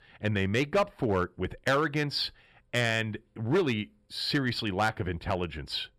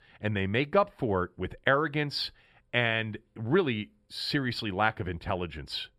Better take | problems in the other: second | distortion; slight; 3% of the sound clipped

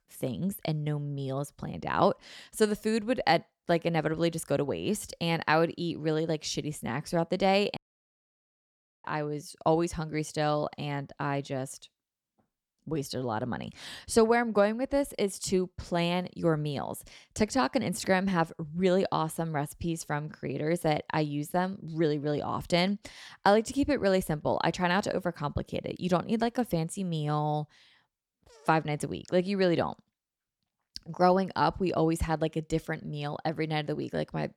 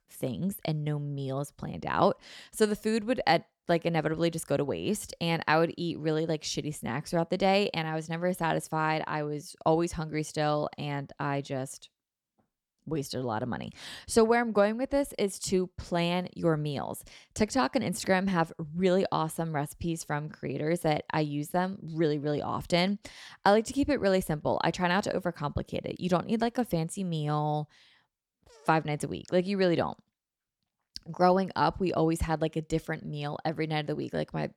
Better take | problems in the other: second | audio cutting out; at 8 s for 1.5 s

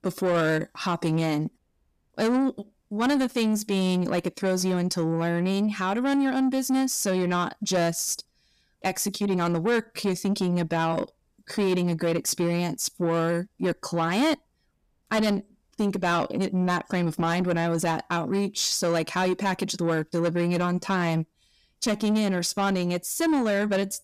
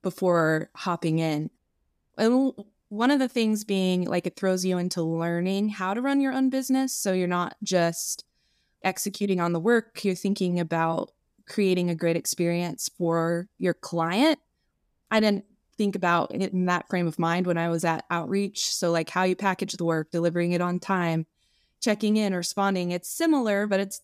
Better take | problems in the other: second | distortion; slight; 10 dB below the speech

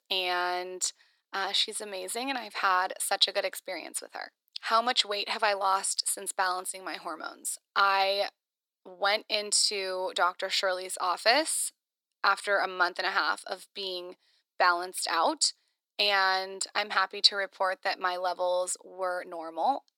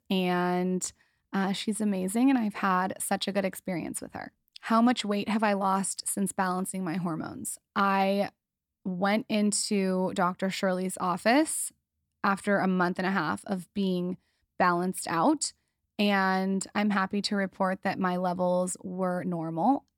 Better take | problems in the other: second | thin; very; fading below 400 Hz

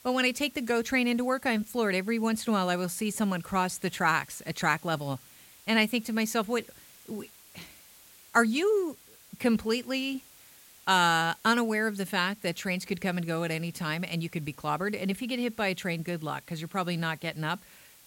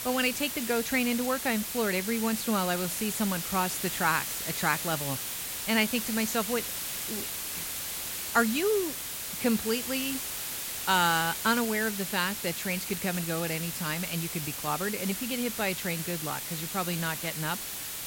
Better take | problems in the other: first | hiss; loud; throughout; 3 dB below the speech; faint in the first

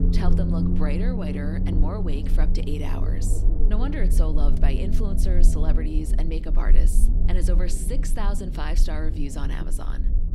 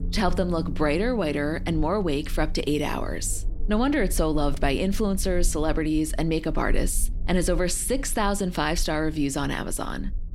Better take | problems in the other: second | low rumble; loud; throughout; 3 dB below the speech; faint in the second

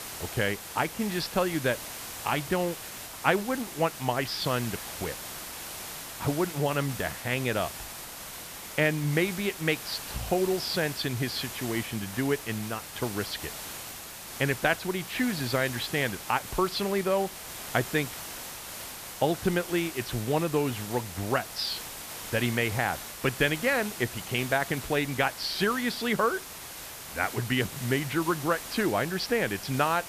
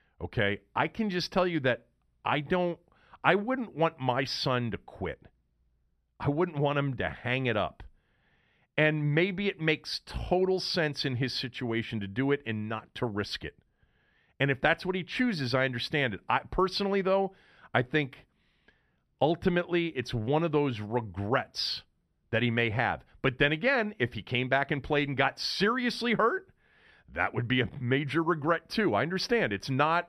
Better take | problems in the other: second | hiss; loud; throughout; 9 dB below the speech

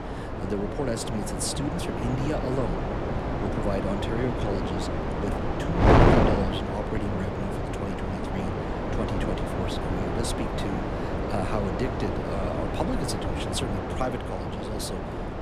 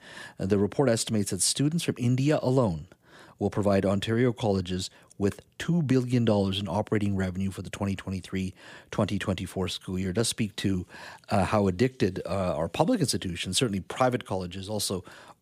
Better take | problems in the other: second | wind noise on the microphone; heavy; 5 dB above the speech

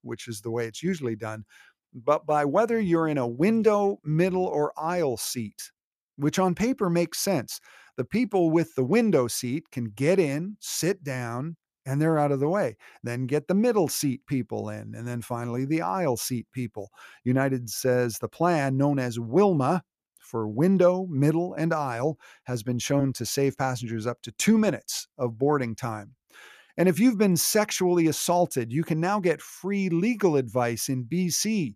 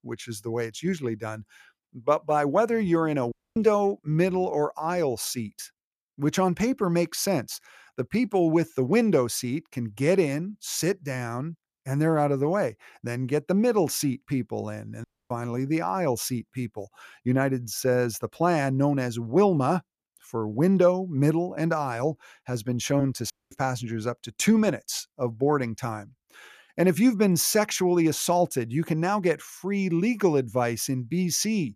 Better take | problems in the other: first | audio cutting out; at 3.5 s, at 15 s and at 23 s

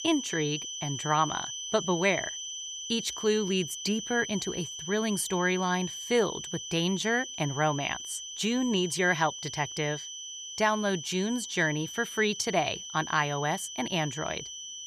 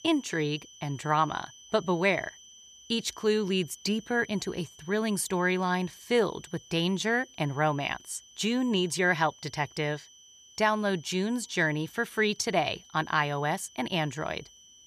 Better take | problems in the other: second | high-pitched whine; loud; throughout; 6 kHz, 7 dB below the speech; faint in the second

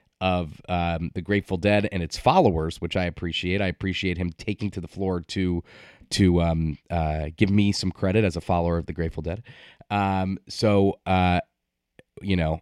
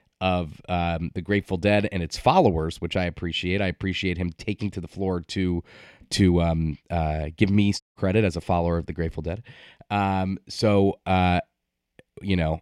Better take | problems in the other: first | audio cutting out; at 8 s

